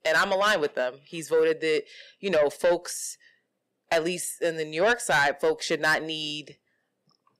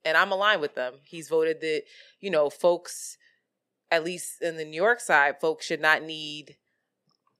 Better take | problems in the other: second | distortion; heavy; 8 dB below the speech

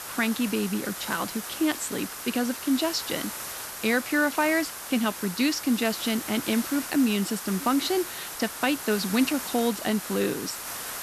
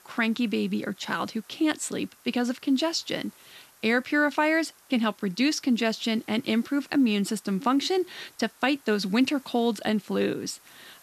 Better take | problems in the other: second | hiss; loud; throughout; 7 dB below the speech; faint in the second

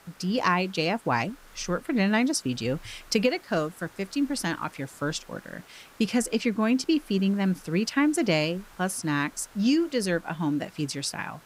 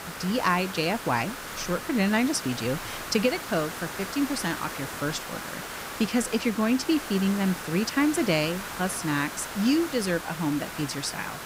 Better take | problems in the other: first | hiss; loud; throughout; 8 dB below the speech; faint in the first

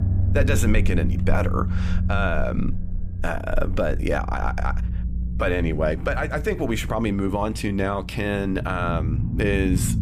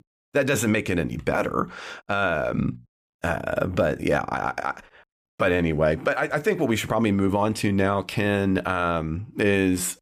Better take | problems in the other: second | low rumble; noticeable; throughout; 15 dB below the speech

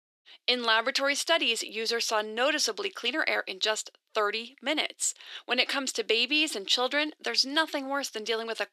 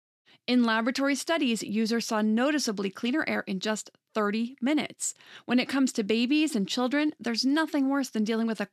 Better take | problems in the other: second | thin; very; fading below 400 Hz

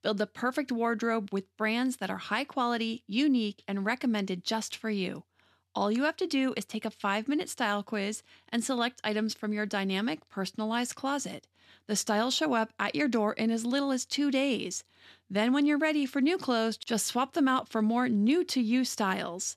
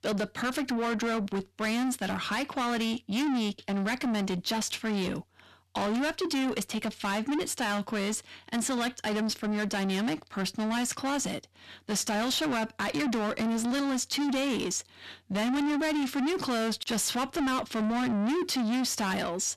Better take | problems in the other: first | distortion; heavy; 7 dB below the speech

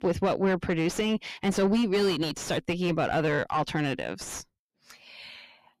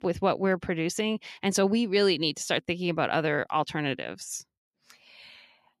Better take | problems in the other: second | distortion; heavy; 6 dB below the speech

